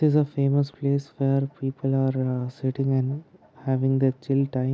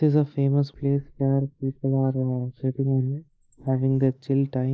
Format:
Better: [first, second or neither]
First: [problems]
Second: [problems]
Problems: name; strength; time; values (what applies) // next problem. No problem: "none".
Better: first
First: none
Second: noise reduction (neural mask model Resemble Enhance denoiser)